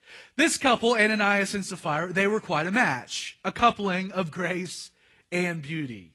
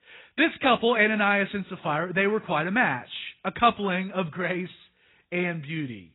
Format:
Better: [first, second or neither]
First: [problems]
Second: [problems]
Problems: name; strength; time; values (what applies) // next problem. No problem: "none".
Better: first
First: garbled, watery; slightly; nothing above 11 kHz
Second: garbled, watery; badly; nothing above 4 kHz